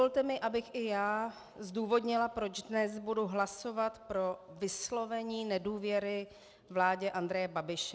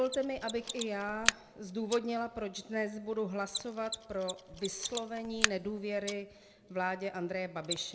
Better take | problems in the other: first | background sound (Mechanisms); 5 dB below the speech // room echo; dies away in 1 s

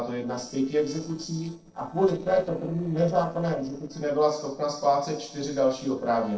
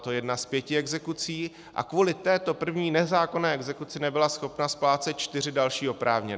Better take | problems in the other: second | noise reduction (neural separator model SepFormer DNS4)

